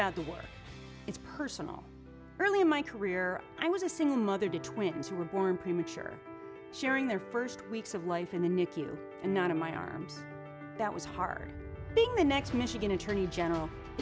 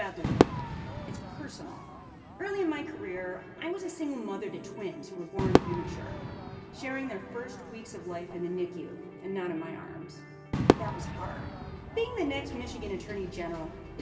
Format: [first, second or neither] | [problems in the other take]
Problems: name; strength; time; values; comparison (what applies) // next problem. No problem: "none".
first | background sound (Crowd / Fireworks); 2 dB above the speech // room echo; dies away in 2.6 s